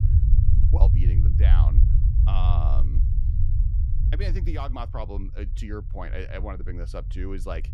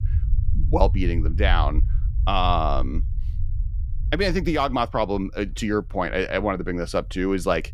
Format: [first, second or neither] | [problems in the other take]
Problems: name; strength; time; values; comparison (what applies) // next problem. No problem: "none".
second | low rumble; loud; throughout; 3 dB below the speech; faint in the second